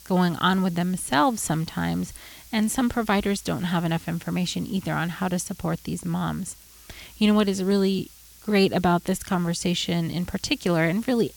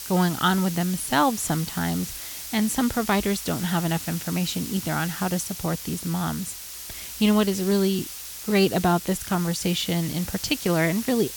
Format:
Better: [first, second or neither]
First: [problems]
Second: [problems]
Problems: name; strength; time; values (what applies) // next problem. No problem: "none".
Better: first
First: hiss; faint; throughout; 20 dB below the speech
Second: hiss; loud; throughout; 9 dB below the speech